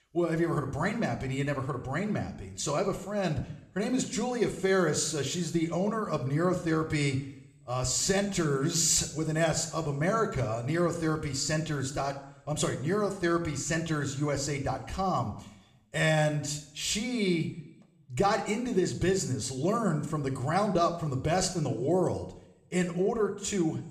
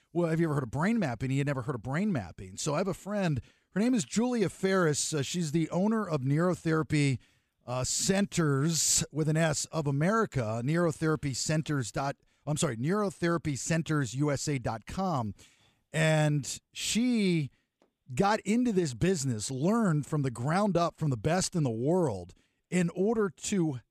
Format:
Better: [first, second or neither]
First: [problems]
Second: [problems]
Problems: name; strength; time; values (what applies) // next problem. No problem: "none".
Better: second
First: room echo; slight; dies away in 0.6 s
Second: none